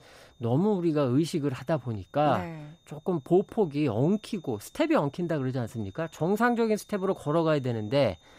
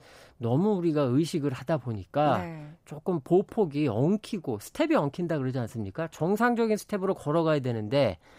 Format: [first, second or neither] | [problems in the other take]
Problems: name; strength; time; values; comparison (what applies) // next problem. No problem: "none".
second | high-pitched whine; faint; throughout; 3.5 kHz, 35 dB below the speech